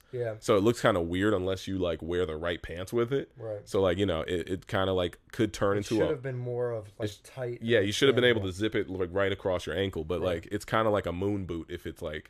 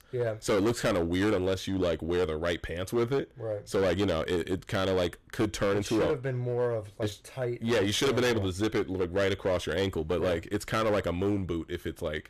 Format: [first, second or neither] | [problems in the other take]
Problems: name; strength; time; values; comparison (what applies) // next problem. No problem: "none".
first | distortion; heavy; 12% of the sound clipped